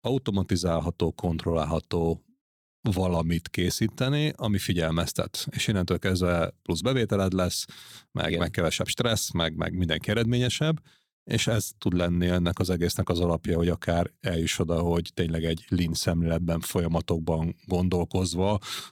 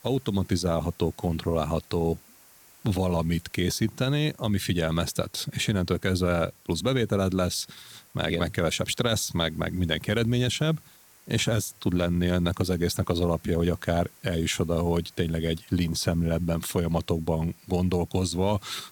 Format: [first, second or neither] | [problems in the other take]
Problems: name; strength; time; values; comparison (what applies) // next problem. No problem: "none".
first | hiss; faint; throughout; 25 dB below the speech